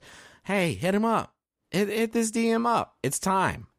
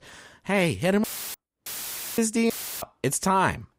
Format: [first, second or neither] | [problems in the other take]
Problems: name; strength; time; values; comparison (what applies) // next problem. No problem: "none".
first | audio cutting out; filled with static; at 1 s, at 1.5 s for 0.5 s and at 2.5 s